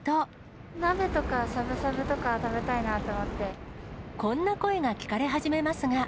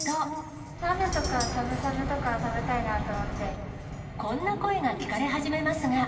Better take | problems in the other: first | background sound (Chink, clink); 17 dB below the speech // room echo; dies away in 2.4 s

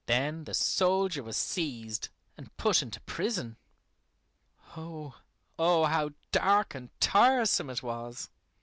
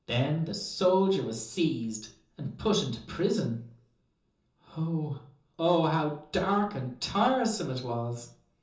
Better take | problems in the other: first | room echo; dies away in 0.6 s

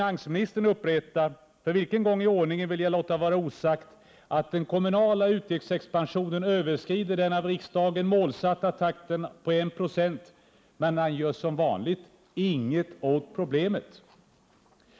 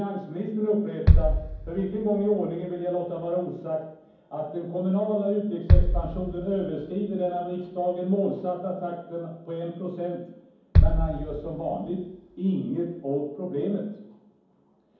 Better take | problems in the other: first | background sound (Bass drum); 2 dB above the speech // room echo; dies away in 1.2 s

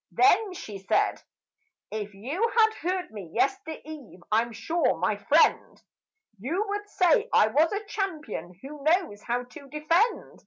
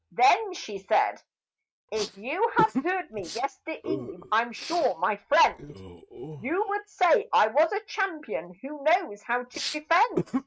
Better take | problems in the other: first | noise reduction (neural mask model RNNoise)

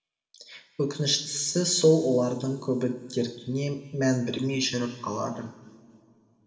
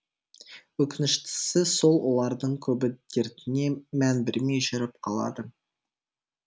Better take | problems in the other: second | room echo; dies away in 2.5 s

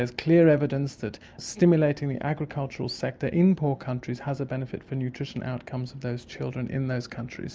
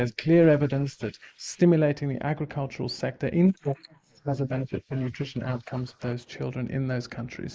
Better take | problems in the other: first | noise reduction (neural mask model Resemble Enhance denoiser)

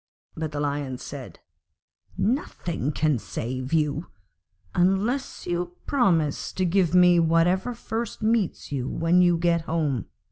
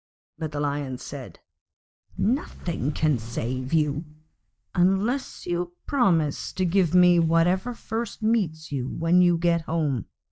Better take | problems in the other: first | noise reduction (neural mask model DeepFilterNet 3)

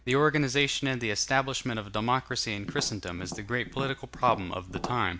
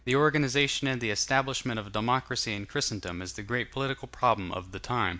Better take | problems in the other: second | background sound (Tap); 12 dB below the speech

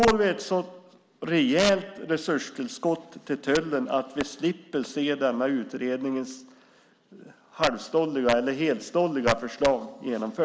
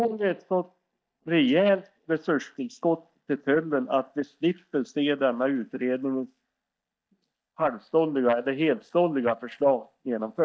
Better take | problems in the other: first | noise reduction (neural mask model DeepFilterNet 3)

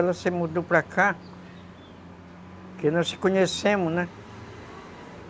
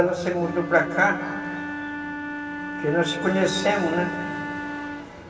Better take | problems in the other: first | background sound (Wind instrument, woodwind instrument); 7 dB below the speech // room echo; dies away in 2.7 s

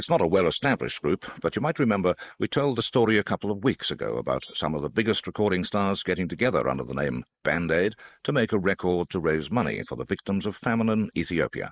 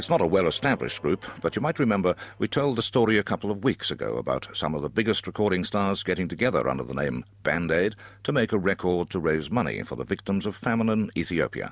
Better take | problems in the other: second | noise reduction (neural mask model Resemble Enhance denoiser)

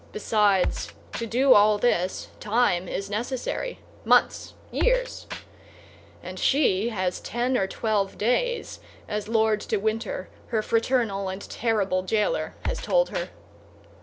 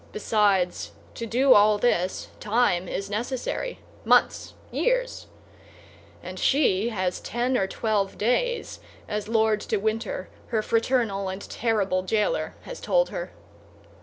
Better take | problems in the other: second | background sound (Drum kit); 6 dB below the speech

